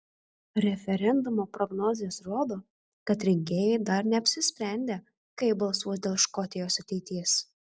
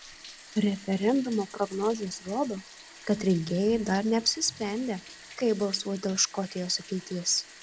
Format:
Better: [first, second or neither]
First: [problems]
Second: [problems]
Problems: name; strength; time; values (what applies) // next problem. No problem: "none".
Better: first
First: none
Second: background sound (Bathtub (filling or washing)); 19 dB below the speech